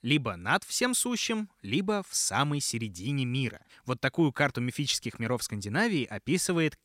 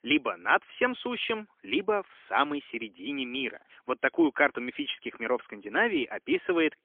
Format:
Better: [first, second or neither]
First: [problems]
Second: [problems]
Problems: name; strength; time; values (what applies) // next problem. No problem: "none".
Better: first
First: none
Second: phone-call audio; poor line; nothing above 3.5 kHz